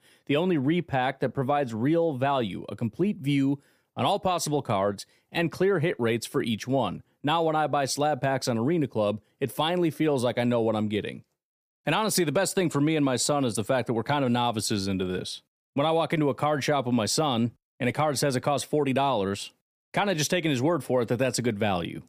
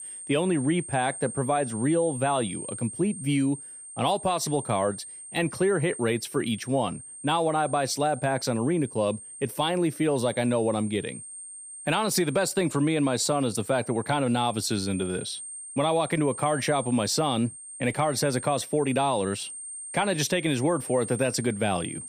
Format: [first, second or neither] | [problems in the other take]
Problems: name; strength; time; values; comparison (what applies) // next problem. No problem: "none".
first | high-pitched whine; noticeable; throughout; 8.5 kHz, 10 dB below the speech